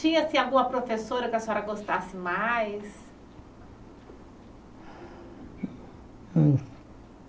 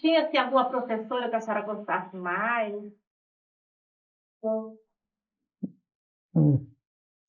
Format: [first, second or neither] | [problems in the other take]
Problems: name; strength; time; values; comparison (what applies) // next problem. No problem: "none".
first | noise reduction (neural mask model Resemble Enhance denoiser)